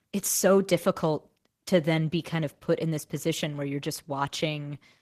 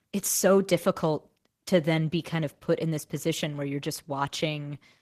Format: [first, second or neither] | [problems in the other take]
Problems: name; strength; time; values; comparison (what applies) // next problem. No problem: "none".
neither | garbled, watery; slightly; nothing above 14.5 kHz; the same in both